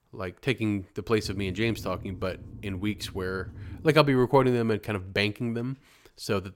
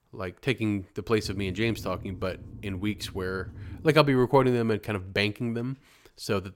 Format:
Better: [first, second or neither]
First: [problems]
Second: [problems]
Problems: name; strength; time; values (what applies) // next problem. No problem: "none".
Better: neither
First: low rumble; faint; from 1 to 4 s; 25 dB below the speech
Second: low rumble; faint; from 1 to 4 s; 25 dB below the speech